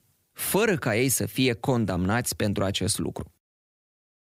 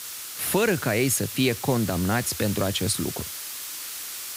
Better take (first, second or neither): first